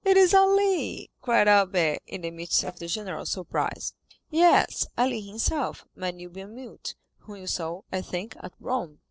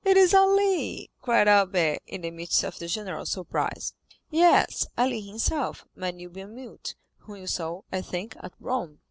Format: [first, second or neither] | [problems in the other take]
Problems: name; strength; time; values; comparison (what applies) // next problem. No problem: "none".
second | noise reduction (neural separator model SepFormer DNS4)